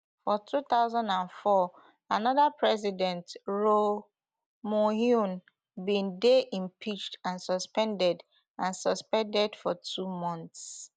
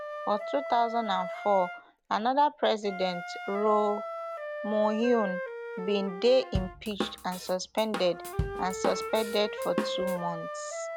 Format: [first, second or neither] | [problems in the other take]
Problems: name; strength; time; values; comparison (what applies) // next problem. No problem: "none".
first | background sound (Drum / Drum kit + Wind instrument, woodwind instrument); 7 dB below the speech